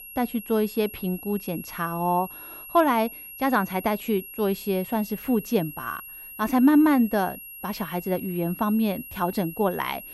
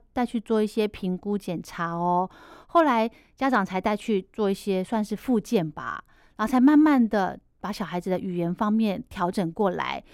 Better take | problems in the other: second | high-pitched whine; noticeable; throughout; 11.5 kHz, 15 dB below the speech

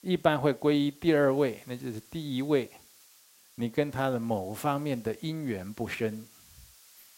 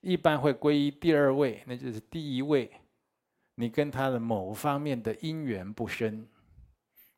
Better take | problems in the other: second | hiss; faint; throughout; 25 dB below the speech

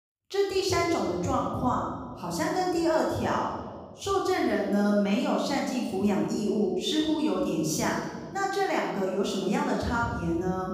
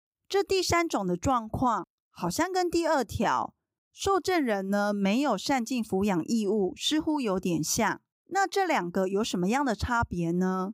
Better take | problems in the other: second | room echo; noticeable; dies away in 1.4 s // off-mic speech; far

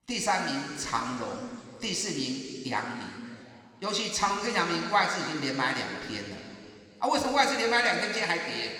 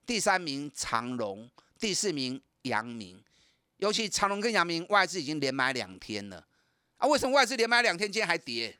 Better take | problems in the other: second | room echo; noticeable; dies away in 2.6 s

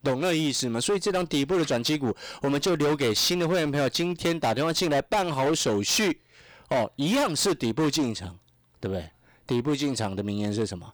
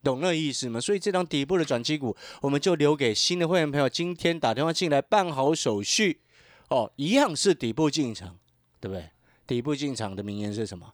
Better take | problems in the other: second | distortion; heavy; 18% of the sound clipped

